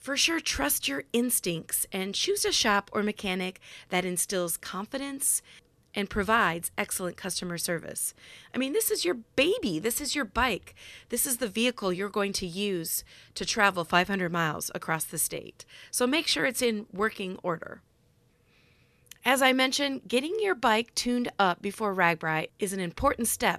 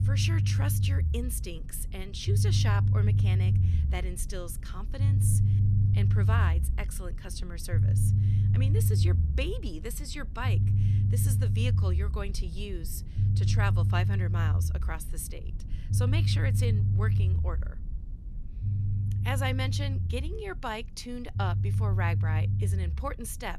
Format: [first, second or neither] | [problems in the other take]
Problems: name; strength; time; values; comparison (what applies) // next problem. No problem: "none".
first | low rumble; loud; throughout; 3 dB below the speech